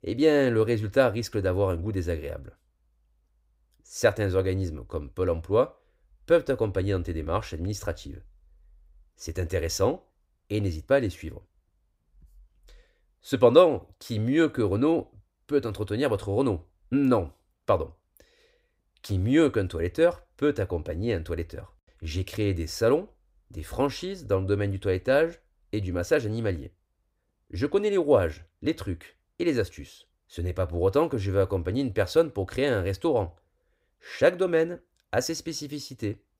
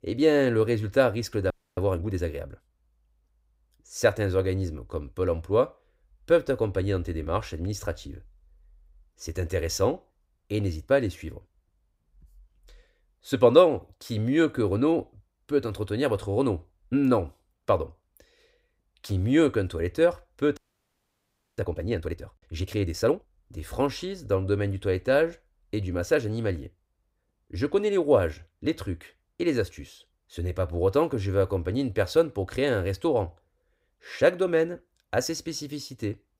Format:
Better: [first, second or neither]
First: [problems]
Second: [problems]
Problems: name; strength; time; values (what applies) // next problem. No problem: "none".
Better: first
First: none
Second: audio freezing; at 1.5 s and at 21 s for 1 s